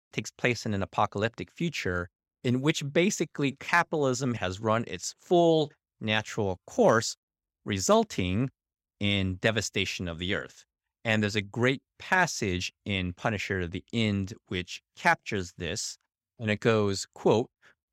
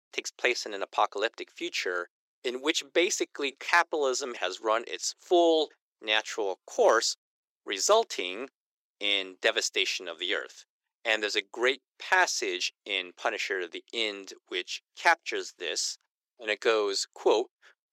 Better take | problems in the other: first | thin; very; fading below 350 Hz

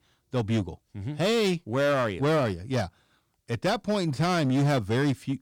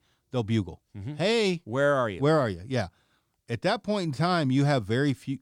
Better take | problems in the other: second | distortion; slight; 12% of the sound clipped

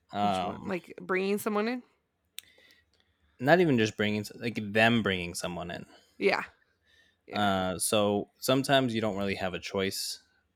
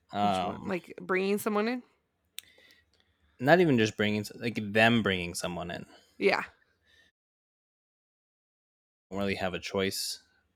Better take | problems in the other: first | audio cutting out; at 7 s for 2 s

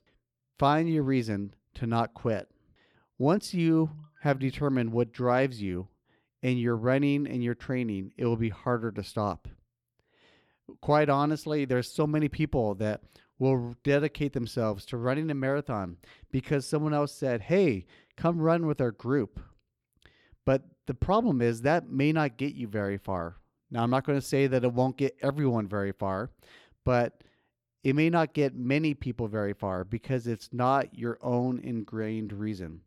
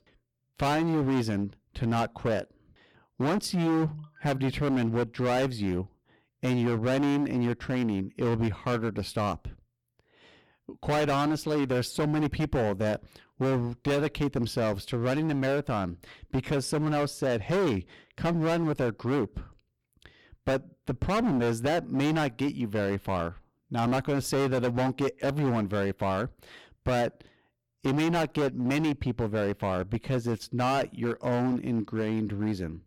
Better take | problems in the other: first | distortion; heavy; 18% of the sound clipped

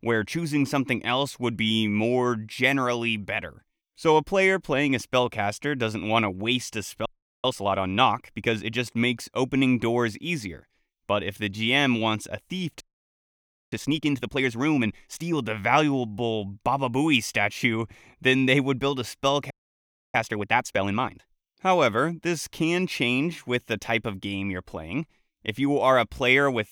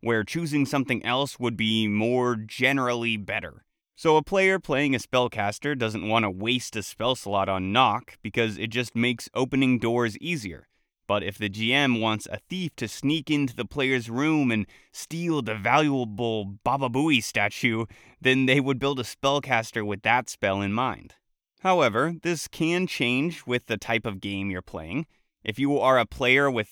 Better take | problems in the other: second | audio freezing; at 7 s, at 13 s for 1 s and at 20 s for 0.5 s

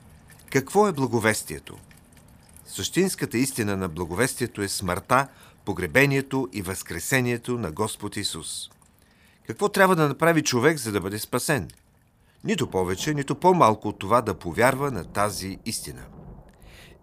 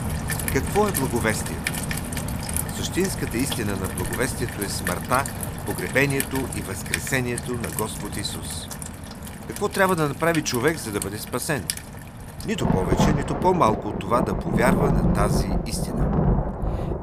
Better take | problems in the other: first | rain or running water; loud; throughout; 2 dB below the speech; faint in the first

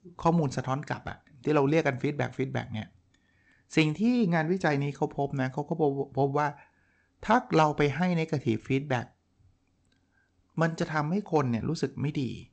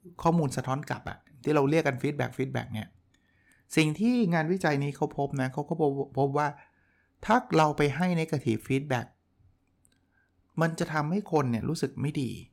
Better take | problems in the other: second | garbled, watery; slightly; nothing above 8 kHz

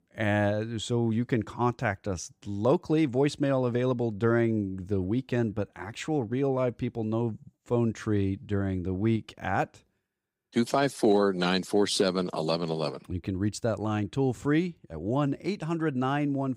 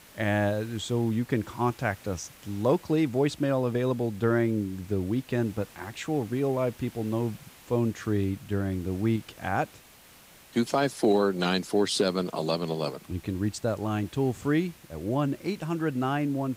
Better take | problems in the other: first | hiss; faint; throughout; 25 dB below the speech

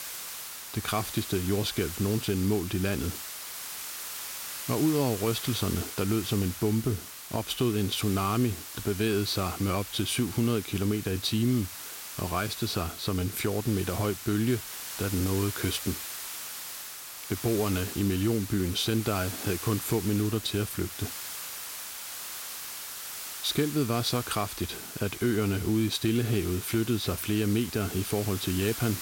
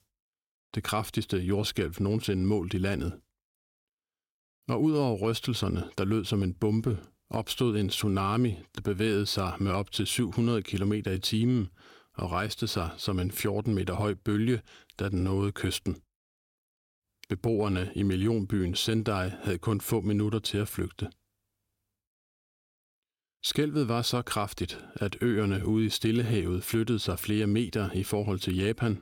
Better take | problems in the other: second | hiss; loud; throughout; 8 dB below the speech

